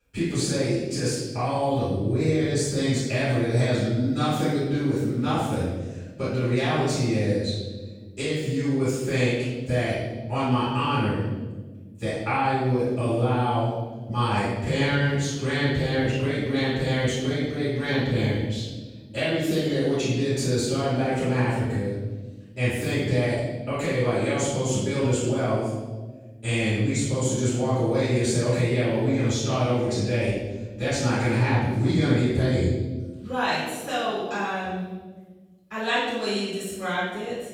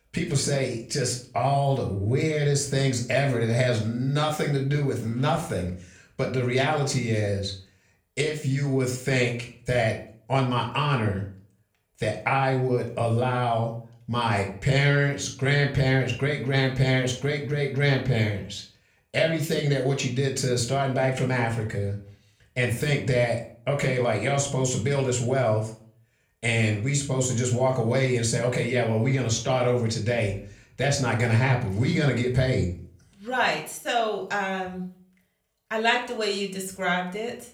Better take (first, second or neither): second